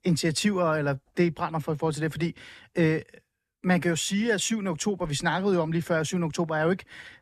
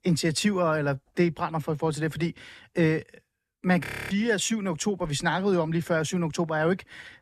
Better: first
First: none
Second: audio freezing; at 4 s

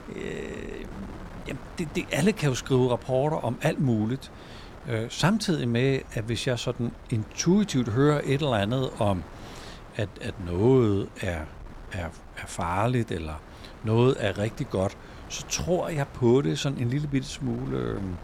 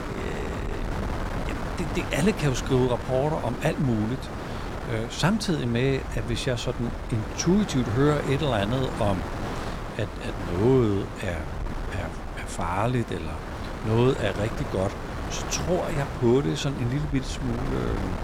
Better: first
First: wind noise on the microphone; occasional gusts; 20 dB below the speech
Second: wind noise on the microphone; heavy; 6 dB below the speech

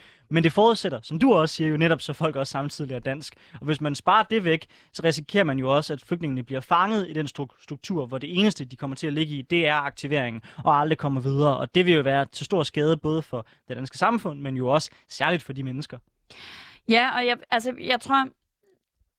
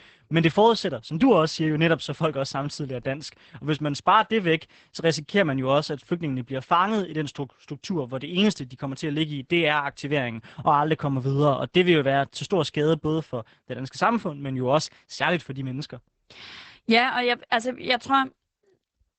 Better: first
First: garbled, watery; slightly; nothing above 17.5 kHz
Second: garbled, watery; badly; nothing above 8 kHz

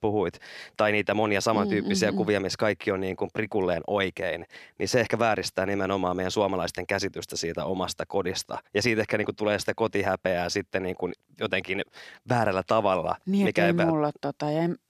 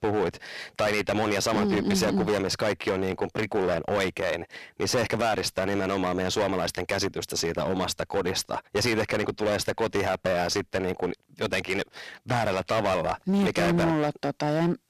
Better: first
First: none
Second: distortion; heavy; 16% of the sound clipped

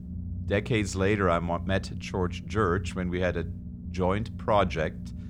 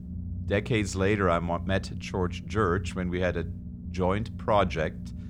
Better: neither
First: low rumble; faint; throughout; 20 dB below the speech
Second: low rumble; faint; throughout; 20 dB below the speech

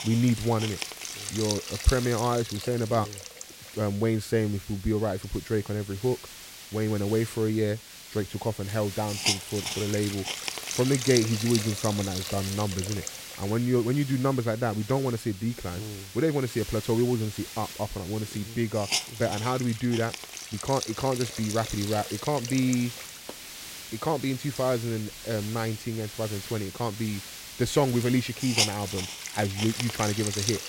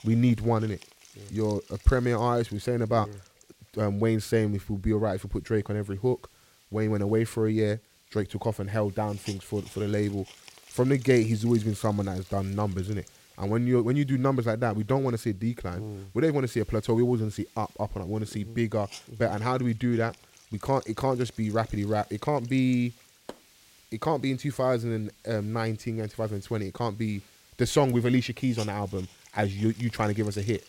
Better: second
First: hiss; loud; throughout; 6 dB below the speech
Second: hiss; faint; throughout; 25 dB below the speech

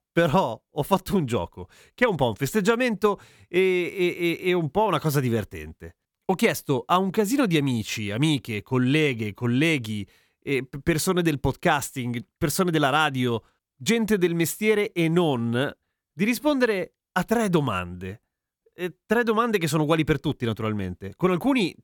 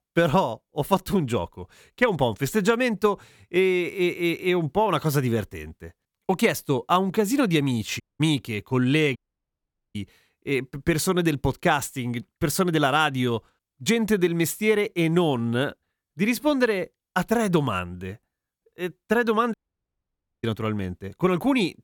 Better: first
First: none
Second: audio cutting out; at 8 s, at 9 s for 1 s and at 20 s for 1 s

